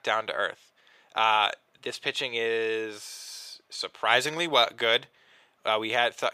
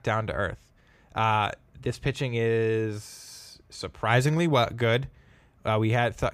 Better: second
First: thin; very; fading below 500 Hz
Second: none

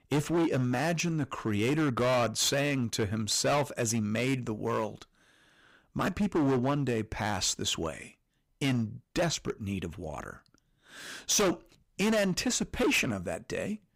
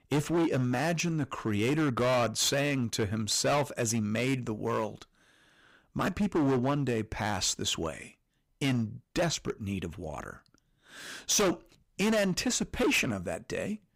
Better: neither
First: distortion; heavy; 11% of the sound clipped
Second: distortion; heavy; 11% of the sound clipped

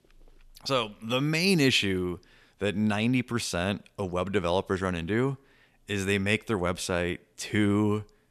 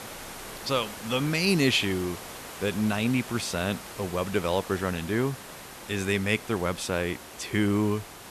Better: first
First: none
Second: hiss; noticeable; throughout; 15 dB below the speech

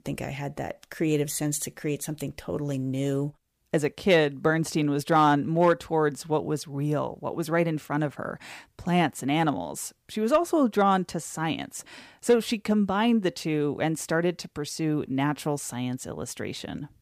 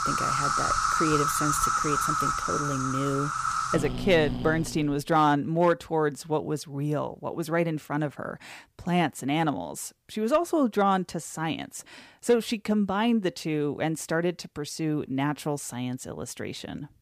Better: first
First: none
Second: animal sounds; very loud; until 4.5 s; 1 dB above the speech

